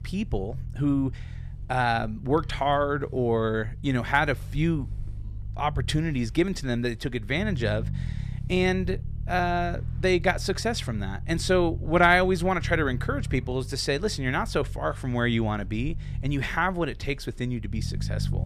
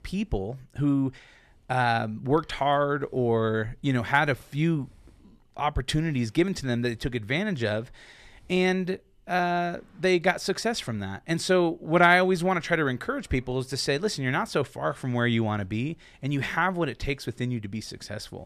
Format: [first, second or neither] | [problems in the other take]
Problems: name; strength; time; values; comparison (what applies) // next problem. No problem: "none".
second | low rumble; faint; throughout; 25 dB below the speech